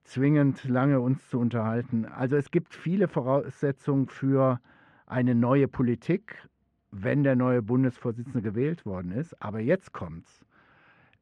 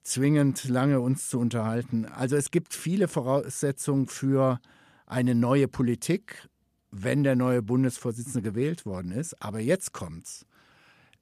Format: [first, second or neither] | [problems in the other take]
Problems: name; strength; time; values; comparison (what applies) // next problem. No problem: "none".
second | muffled; very; fading above 2 kHz